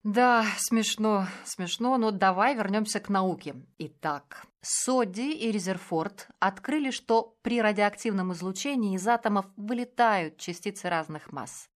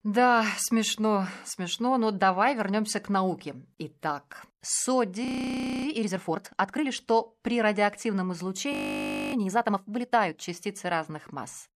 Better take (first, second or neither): first